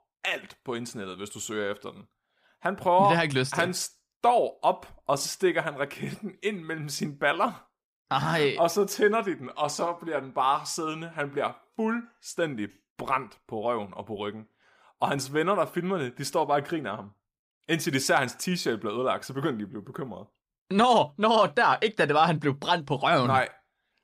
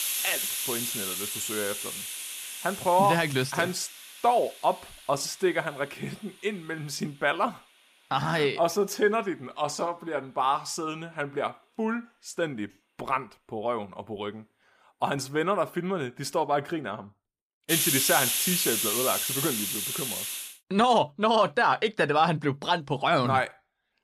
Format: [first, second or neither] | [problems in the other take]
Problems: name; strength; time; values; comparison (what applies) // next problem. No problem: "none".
first | hiss; loud; until 20 s; as loud as the speech